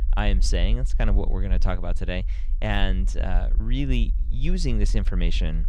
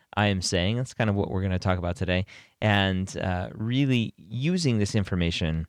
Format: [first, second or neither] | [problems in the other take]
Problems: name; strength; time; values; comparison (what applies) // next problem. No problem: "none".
second | low rumble; noticeable; throughout; 20 dB below the speech